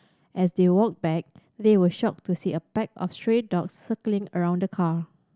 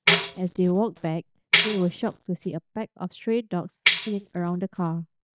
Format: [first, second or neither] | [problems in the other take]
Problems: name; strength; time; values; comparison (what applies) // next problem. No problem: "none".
first | noise reduction (neural mask model DeepFilterNet 3)